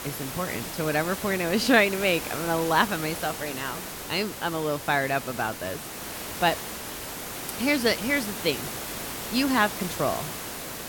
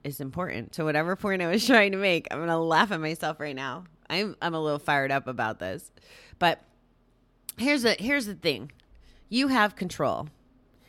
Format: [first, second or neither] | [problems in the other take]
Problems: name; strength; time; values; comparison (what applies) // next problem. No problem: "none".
second | hiss; loud; throughout; 7 dB below the speech